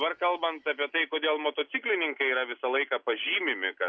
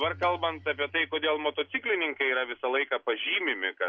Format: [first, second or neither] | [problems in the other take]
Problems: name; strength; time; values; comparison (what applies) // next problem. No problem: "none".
first | background sound (Tabla + Bowed string instrument); 20 dB below the speech